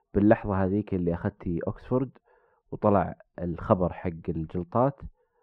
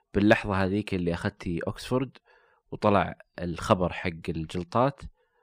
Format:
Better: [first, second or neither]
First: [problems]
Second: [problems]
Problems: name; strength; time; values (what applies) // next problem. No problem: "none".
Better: second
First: muffled; very; fading above 2.5 kHz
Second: none